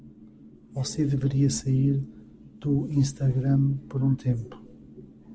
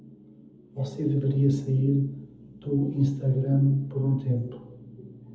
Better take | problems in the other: first | room echo; dies away in 0.7 s

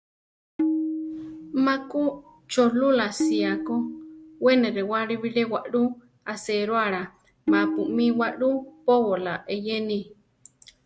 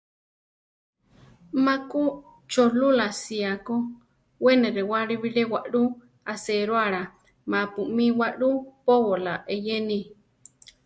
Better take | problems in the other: second | background sound (Tabla); 5 dB below the speech

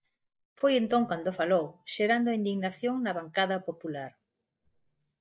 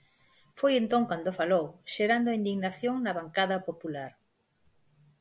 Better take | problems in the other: second | noise reduction (neural mask model DeepFilterNet 3)

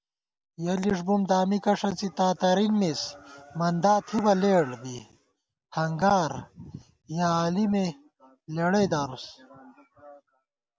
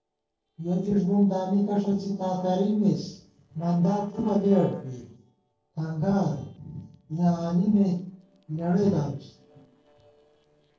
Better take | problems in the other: first | noise reduction (neural separator model SepFormer DNS4)

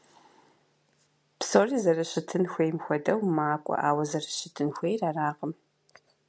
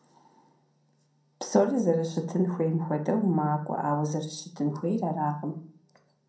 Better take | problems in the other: first | room echo; dies away in 0.6 s

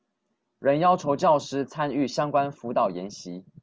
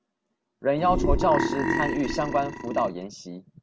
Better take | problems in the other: first | background sound (Burping, eructation); as loud as the speech

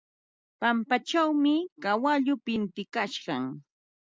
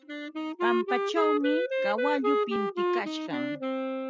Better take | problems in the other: first | noise reduction (classical method spectral subtraction)

